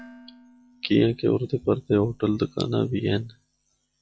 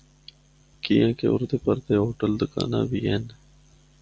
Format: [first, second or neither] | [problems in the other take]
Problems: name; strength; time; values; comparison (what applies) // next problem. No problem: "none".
second | noise reduction (classical method log-MMSE)